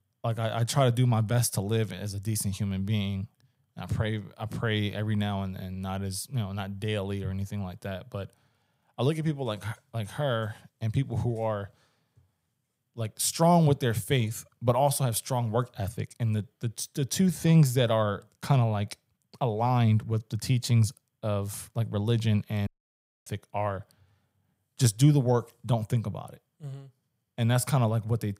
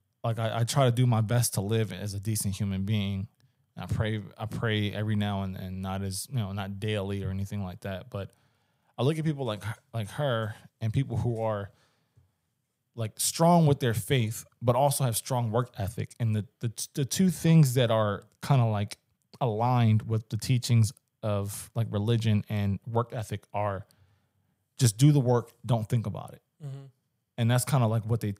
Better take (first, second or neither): second